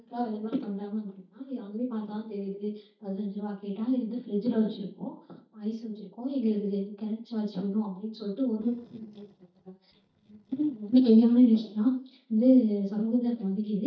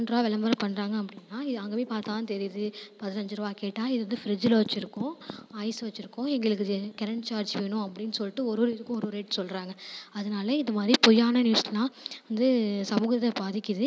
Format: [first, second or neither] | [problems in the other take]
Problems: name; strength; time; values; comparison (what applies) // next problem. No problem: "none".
second | noise reduction (neural mask model DeepFilterNet 3)